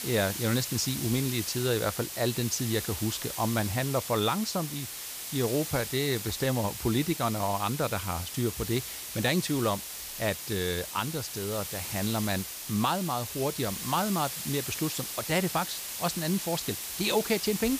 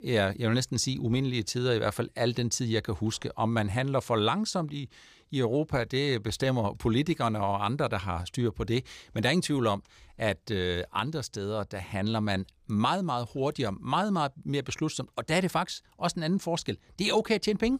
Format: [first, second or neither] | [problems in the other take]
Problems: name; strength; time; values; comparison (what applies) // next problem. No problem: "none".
second | hiss; loud; throughout; 5 dB below the speech